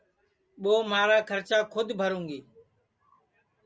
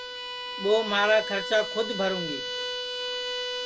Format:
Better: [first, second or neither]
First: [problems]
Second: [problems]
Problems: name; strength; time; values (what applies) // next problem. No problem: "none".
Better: first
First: none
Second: background sound (Bowed string instrument); 5 dB below the speech